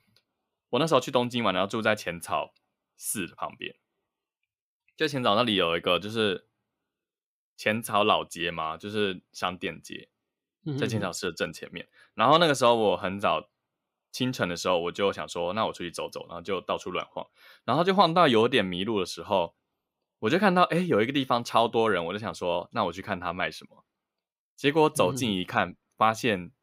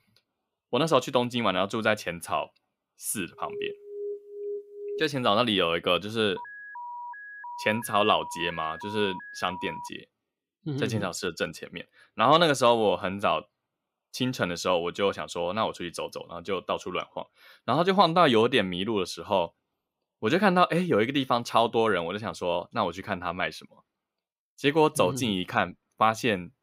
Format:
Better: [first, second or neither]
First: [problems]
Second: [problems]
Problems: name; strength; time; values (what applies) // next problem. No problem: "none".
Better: first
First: none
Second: alarm; faint; from 3.5 to 5 s and from 6.5 to 10 s; peak 10 dB below the speech